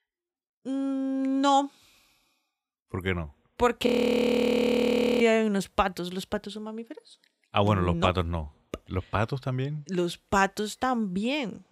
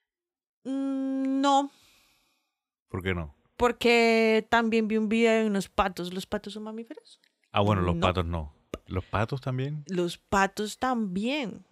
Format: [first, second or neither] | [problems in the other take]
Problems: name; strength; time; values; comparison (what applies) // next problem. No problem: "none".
second | audio freezing; at 4 s for 1.5 s